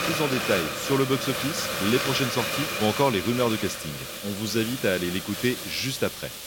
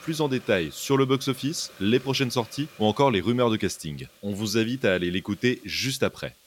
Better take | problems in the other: second | hiss; loud; throughout; 3 dB below the speech; faint in the second

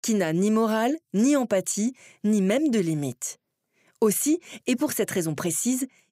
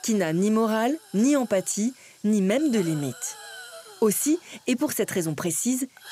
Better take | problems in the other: first | hiss; faint; throughout; 20 dB below the speech

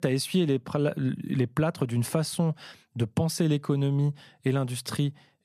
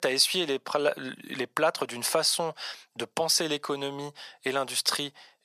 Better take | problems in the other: first | thin; very; fading below 700 Hz

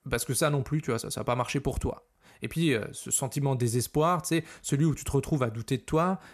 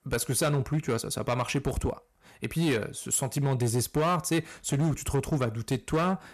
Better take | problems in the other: first | distortion; slight; 9% of the sound clipped

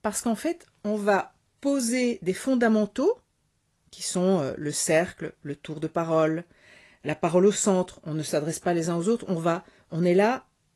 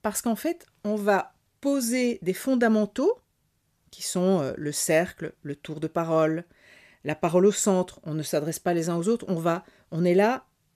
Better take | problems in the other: second | garbled, watery; slightly; nothing above 11.5 kHz

